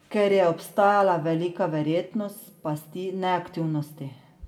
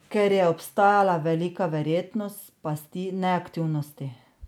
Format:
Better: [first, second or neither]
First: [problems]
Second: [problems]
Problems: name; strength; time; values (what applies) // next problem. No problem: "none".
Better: second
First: room echo; dies away in 0.9 s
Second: none